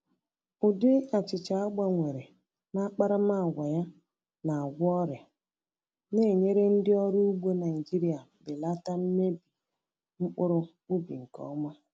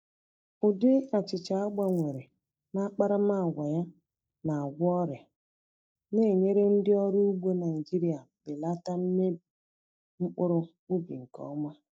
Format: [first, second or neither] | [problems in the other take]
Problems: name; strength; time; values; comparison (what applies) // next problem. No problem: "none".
first | noise reduction (neural mask model DeepFilterNet 3)